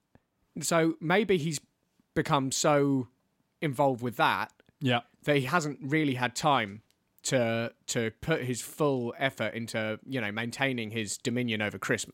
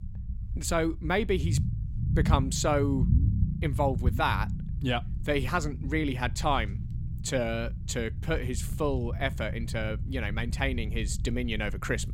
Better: first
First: none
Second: low rumble; noticeable; throughout; 15 dB below the speech

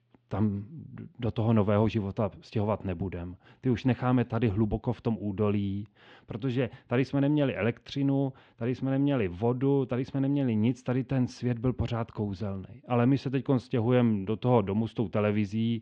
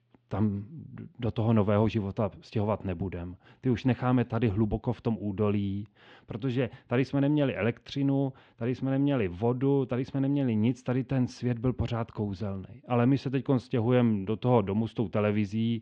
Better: neither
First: muffled; slightly; fading above 4 kHz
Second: muffled; slightly; fading above 4 kHz

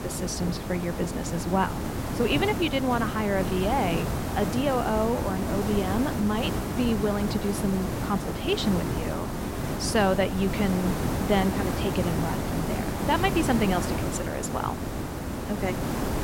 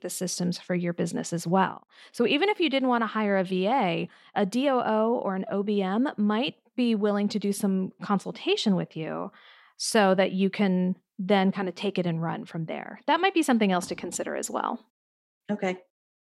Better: second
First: hiss; loud; throughout; 2 dB below the speech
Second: none

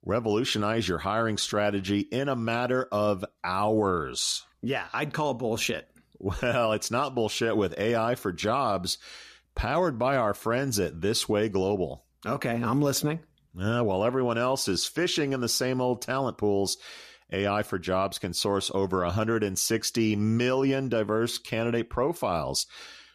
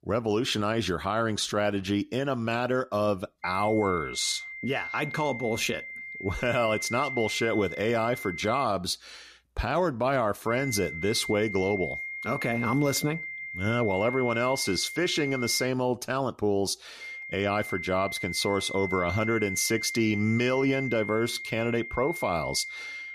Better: first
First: none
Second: high-pitched whine; loud; from 3.5 to 8.5 s, from 10 to 16 s and from 17 s on; 2 kHz, 7 dB below the speech

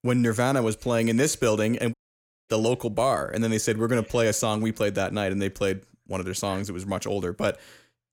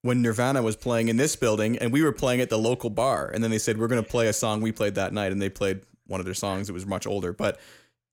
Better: second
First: audio cutting out; at 2 s for 0.5 s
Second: none

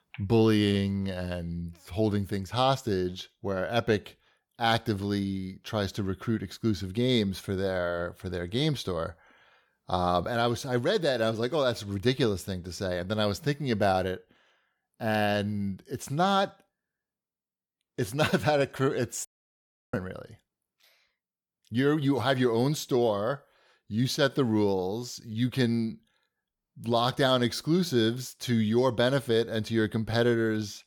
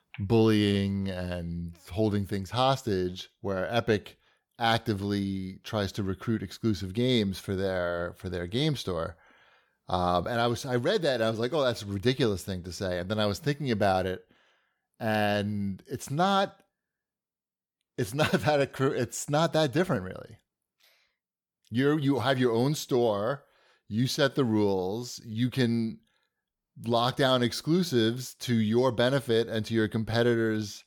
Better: second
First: audio cutting out; at 19 s for 0.5 s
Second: none

